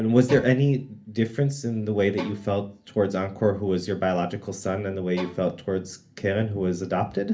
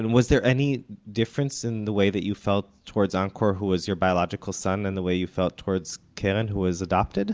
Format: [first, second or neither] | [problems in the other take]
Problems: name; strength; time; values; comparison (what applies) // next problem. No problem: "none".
second | background sound (Bowed string instrument); 19 dB below the speech // room echo; dies away in 0.3 s